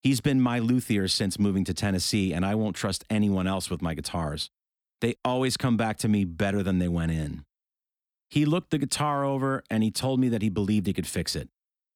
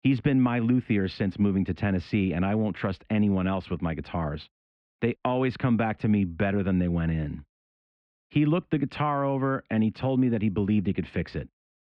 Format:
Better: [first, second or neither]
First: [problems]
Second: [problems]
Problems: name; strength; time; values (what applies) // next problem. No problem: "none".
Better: first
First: none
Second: muffled; very; fading above 2.5 kHz